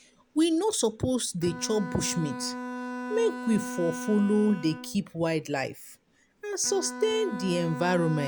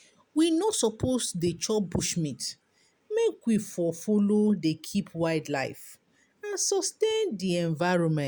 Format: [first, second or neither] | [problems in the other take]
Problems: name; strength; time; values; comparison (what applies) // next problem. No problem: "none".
second | background sound (Bowed string instrument); 10 dB below the speech